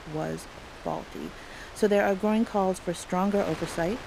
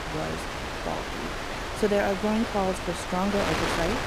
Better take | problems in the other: first | wind noise on the microphone; heavy; 1 dB below the speech; occasional gusts in the first

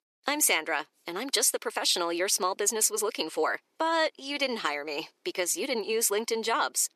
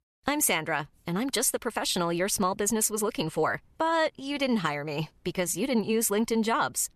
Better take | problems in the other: second | thin; somewhat; fading below 350 Hz

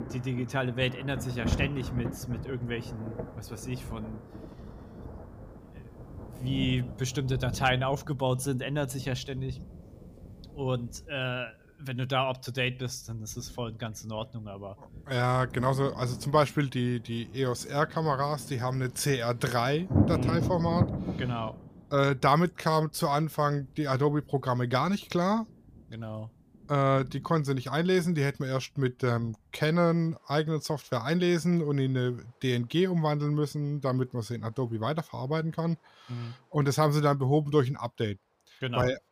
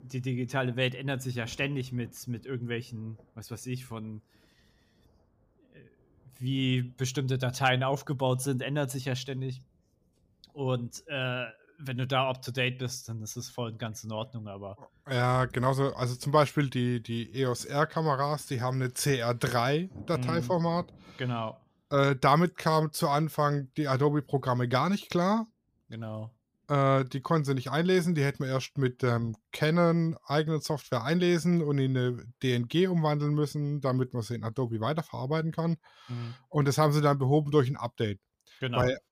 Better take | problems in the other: second | rain or running water; loud; throughout; 8 dB below the speech; faint in the second

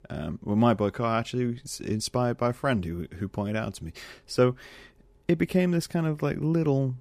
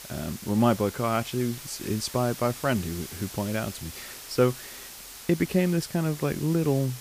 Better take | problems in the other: first | hiss; noticeable; throughout; 10 dB below the speech

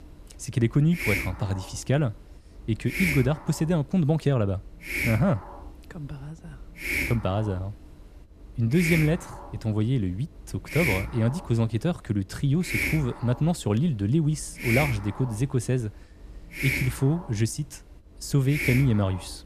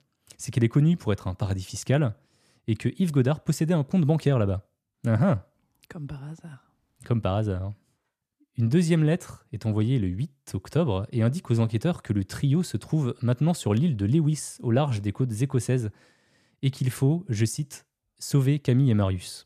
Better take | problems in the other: second | hiss; loud; throughout; 4 dB below the speech

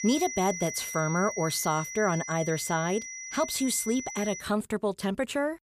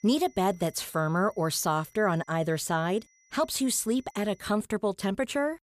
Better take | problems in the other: second | high-pitched whine; loud; until 4.5 s; 6 kHz, 7 dB below the speech; faint in the second

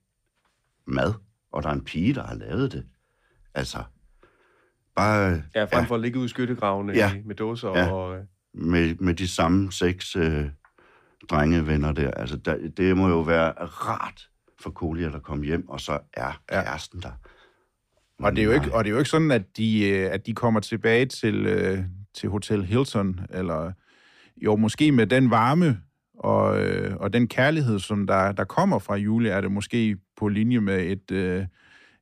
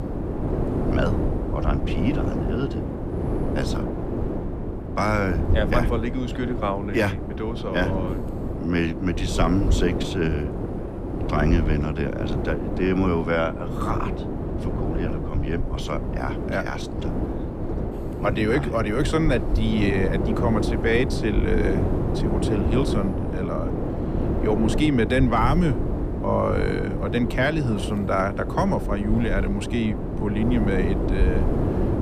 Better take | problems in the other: first | wind noise on the microphone; heavy; 5 dB below the speech

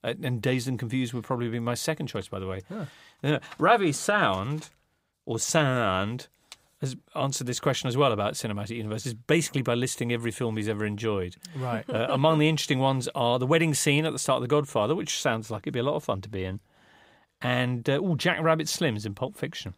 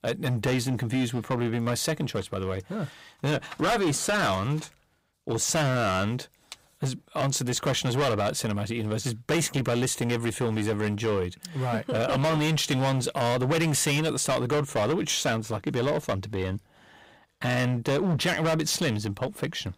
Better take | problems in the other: first | distortion; heavy; 14% of the sound clipped

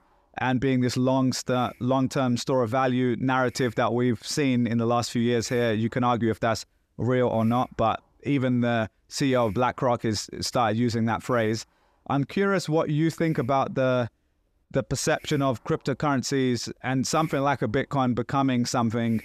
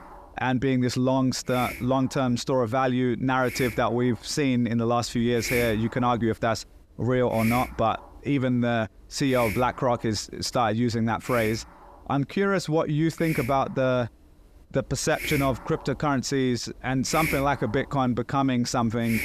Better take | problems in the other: first | hiss; loud; throughout; 10 dB below the speech; faint in the first

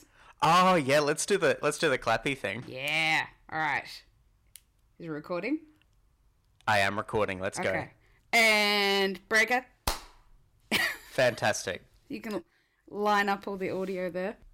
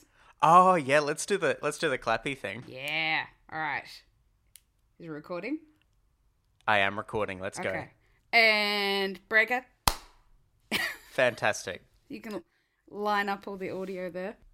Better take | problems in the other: second | distortion; heavy; 4% of the sound clipped

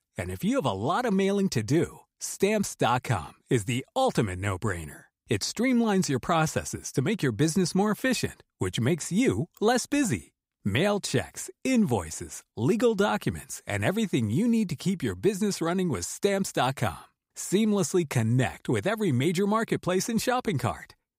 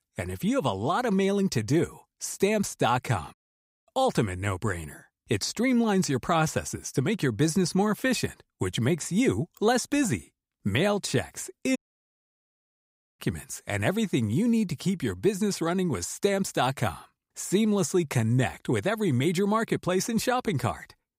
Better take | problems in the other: first | audio cutting out; at 3.5 s for 0.5 s and at 12 s for 1.5 s

